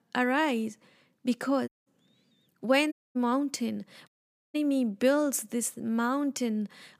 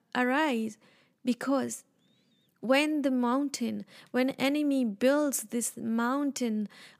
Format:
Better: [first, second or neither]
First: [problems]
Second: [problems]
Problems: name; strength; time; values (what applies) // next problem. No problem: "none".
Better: second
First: audio cutting out; at 1.5 s, at 3 s and at 4 s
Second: none